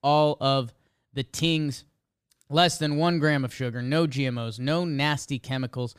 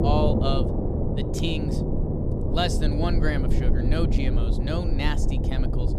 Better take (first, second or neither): first